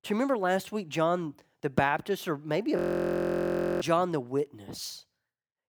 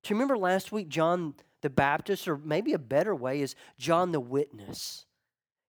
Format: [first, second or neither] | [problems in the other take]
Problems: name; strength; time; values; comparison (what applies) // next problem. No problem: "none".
second | audio freezing; at 3 s for 1 s